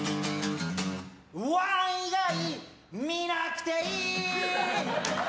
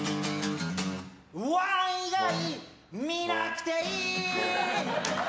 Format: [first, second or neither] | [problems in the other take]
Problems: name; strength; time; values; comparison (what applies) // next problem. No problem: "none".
first | background sound (Brass instrument); 10 dB below the speech